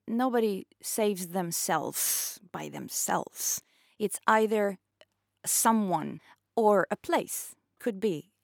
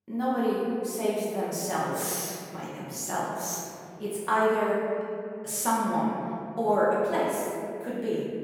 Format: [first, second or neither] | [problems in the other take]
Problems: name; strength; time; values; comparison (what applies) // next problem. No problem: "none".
first | off-mic speech; far // room echo; strong; dies away in 2.8 s